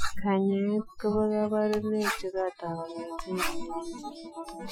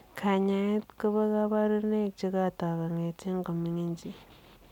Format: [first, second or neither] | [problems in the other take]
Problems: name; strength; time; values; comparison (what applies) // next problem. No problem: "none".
second | noise reduction (classical method Wiener filter)